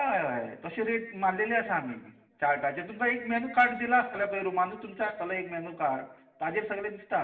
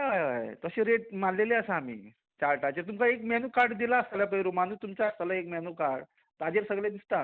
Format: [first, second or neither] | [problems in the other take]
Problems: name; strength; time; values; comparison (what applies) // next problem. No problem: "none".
second | room echo; dies away in 0.8 s